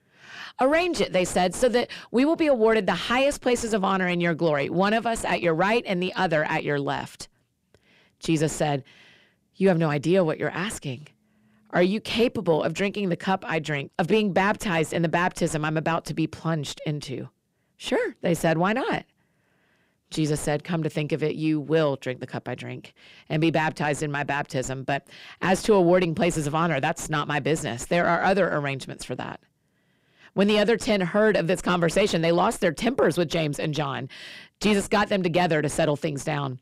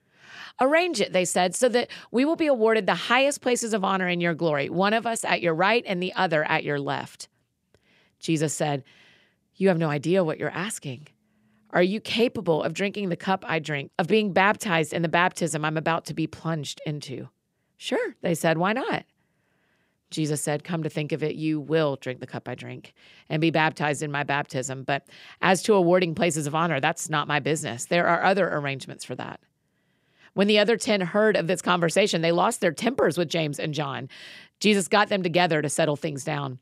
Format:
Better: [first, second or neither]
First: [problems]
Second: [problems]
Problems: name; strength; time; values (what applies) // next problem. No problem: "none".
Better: second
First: distortion; slight; 10 dB below the speech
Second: none